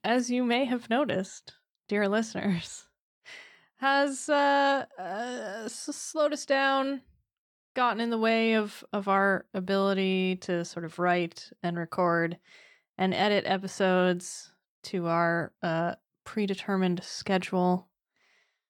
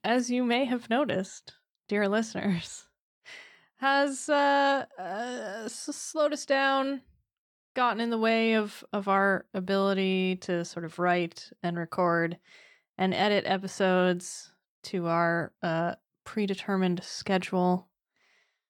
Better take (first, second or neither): neither